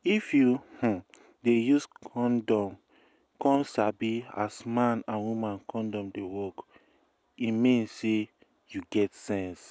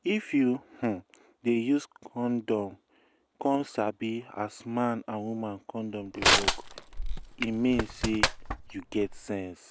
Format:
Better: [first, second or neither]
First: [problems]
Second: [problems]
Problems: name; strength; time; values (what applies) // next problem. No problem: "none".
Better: first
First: none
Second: background sound (Crushing); 1 dB above the speech